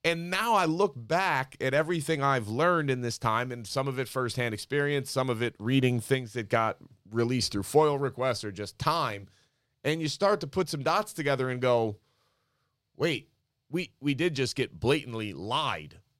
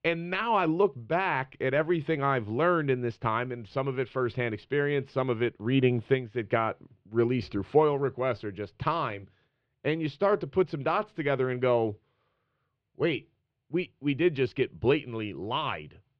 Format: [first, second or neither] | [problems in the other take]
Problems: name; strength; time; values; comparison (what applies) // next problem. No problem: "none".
first | muffled; very; fading above 3 kHz